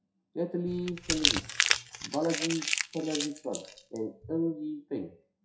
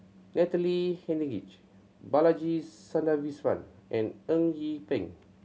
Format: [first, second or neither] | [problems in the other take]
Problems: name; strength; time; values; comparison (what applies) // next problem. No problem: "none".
second | noise reduction (classical method WPE with log-MMSE)